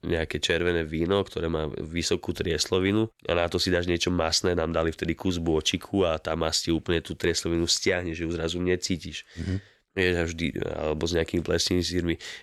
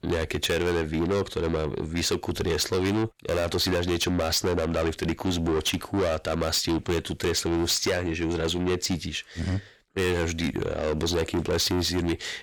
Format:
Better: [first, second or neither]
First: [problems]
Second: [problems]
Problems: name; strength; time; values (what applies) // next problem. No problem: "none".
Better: first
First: none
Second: distortion; heavy; 7 dB below the speech